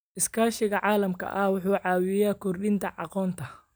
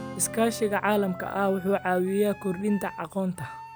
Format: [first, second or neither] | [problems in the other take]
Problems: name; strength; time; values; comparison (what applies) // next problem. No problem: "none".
first | background sound (Strum + Wind instrument, woodwind instrument); 14 dB below the speech